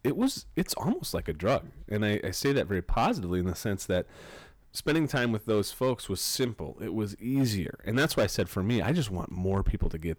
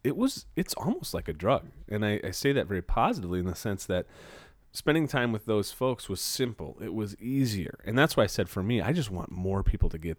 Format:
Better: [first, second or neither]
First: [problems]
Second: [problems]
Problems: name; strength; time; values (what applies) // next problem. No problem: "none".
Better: second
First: distortion; slight; 4% of the sound clipped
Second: none